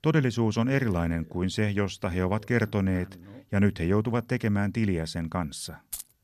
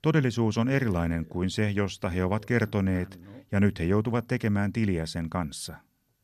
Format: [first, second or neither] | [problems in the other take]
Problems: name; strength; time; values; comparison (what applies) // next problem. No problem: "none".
second | jangling keys; faint; at 6 s; peak 10 dB below the speech